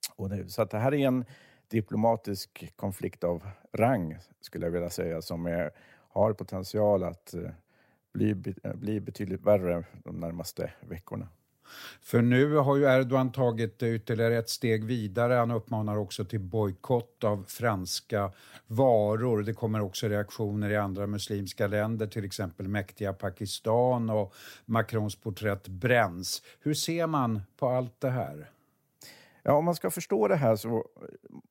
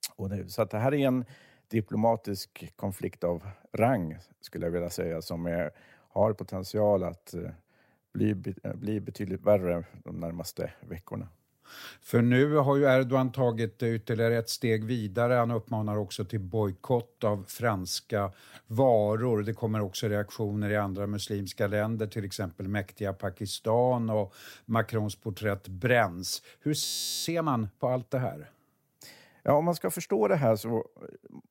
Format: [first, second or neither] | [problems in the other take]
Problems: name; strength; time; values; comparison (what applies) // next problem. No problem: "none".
first | audio freezing; at 27 s